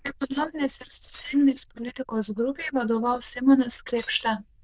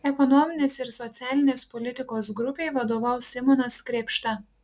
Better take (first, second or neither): second